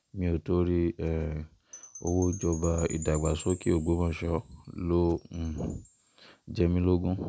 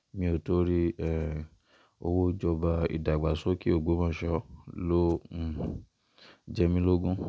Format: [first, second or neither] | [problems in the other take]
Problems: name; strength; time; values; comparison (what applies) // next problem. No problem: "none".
second | background sound (Wind chime / Percussion); 19 dB below the speech